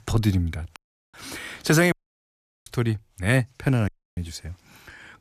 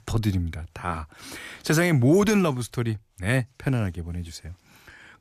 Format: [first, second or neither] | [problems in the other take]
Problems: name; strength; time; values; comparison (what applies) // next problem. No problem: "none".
second | audio cutting out; at 1 s, at 2 s for 0.5 s and at 4 s